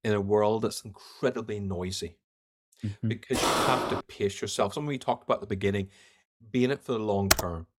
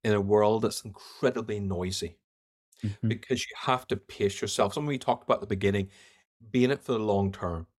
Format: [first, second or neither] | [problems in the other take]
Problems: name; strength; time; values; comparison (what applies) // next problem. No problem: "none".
second | footsteps; loud; at 3.5 s; peak 5 dB above the speech // keyboard typing; loud; at 7.5 s; peak 5 dB above the speech